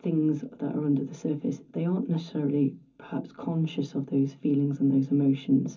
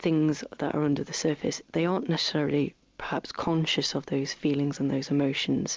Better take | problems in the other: second | room echo; dies away in 0.3 s

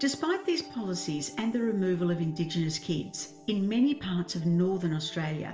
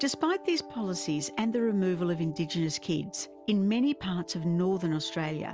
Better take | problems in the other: second | room echo; dies away in 1.7 s

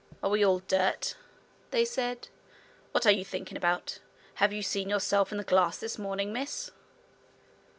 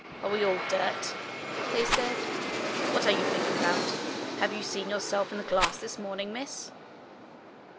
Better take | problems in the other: first | background sound (Rattle + Aircraft); as loud as the speech

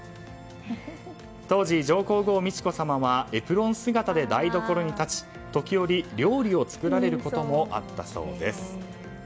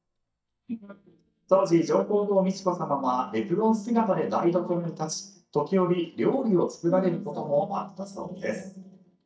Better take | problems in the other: first | noise reduction (neural mask model DeepFilterNet 3)

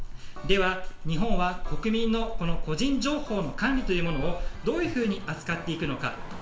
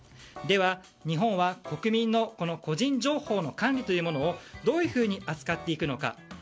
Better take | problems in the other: second | background sound (Motor vehicle (road)); 1 dB below the speech // room echo; dies away in 1.6 s

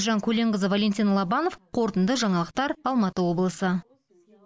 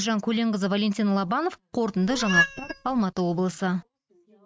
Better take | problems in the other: first | noise reduction (neural mask model RNNoise)

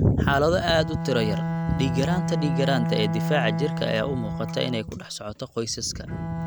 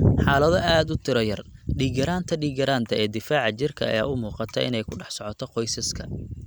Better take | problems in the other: second | background sound (Bowed string instrument); 3 dB below the speech

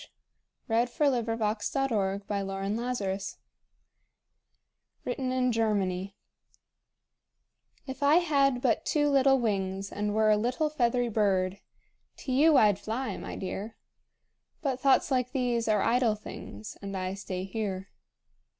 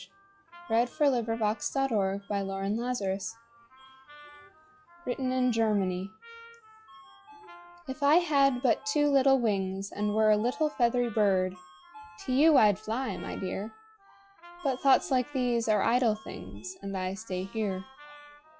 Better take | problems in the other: first | noise reduction (classical method log-MMSE)

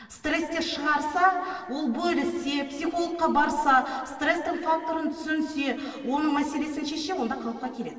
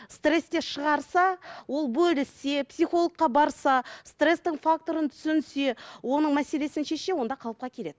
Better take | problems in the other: second | room echo; dies away in 2.4 s

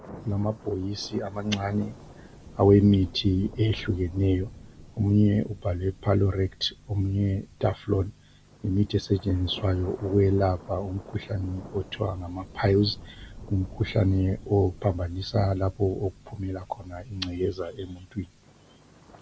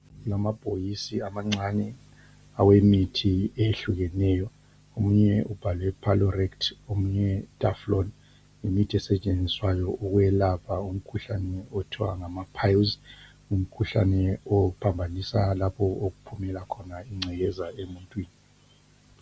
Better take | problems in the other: second | background sound (Thunder); 20 dB below the speech

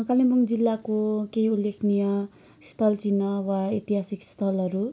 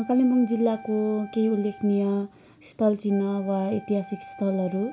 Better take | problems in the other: first | background sound (Wind instrument, woodwind instrument); 20 dB below the speech

